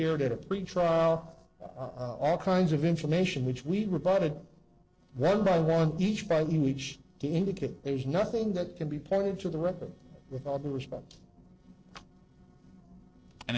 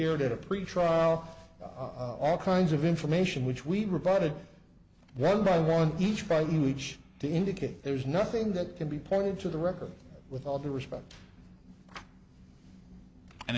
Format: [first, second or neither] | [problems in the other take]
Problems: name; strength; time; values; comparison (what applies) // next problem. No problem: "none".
second | noise reduction (neural separator model SepFormer DNS4)